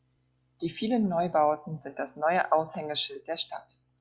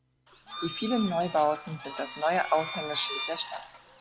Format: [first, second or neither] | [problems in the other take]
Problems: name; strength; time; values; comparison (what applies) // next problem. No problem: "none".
first | background sound (Bird / Fowl + Bowed string instrument); 9 dB below the speech